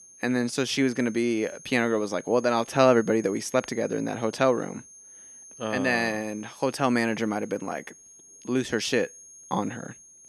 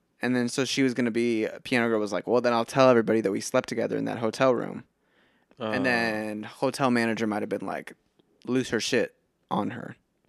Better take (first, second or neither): second